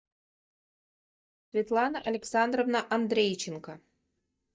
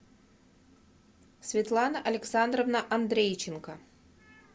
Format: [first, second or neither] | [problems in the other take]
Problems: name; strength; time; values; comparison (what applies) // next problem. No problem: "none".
second | noise reduction (neural mask model DeepFilterNet 3)